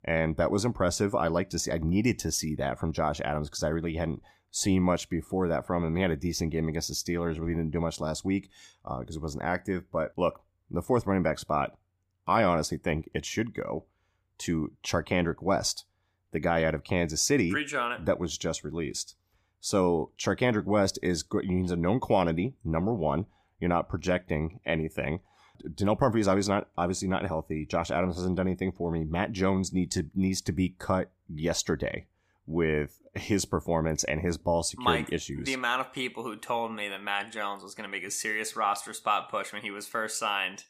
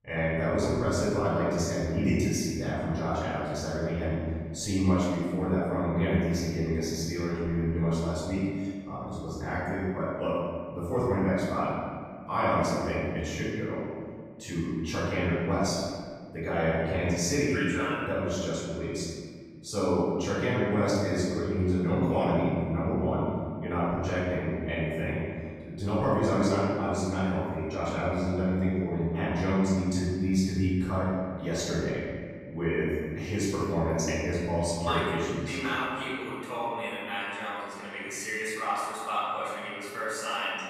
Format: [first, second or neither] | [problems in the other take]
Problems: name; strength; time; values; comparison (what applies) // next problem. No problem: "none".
first | room echo; strong; dies away in 1.8 s // off-mic speech; far